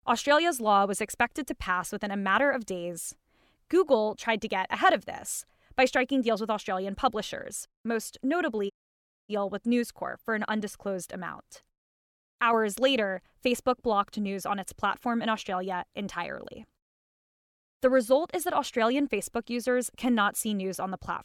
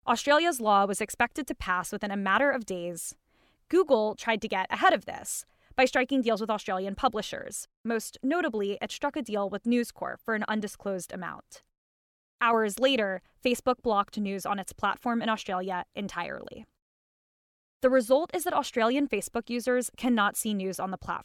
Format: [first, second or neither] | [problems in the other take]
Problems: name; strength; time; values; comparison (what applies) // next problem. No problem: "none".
second | audio cutting out; at 8.5 s for 0.5 s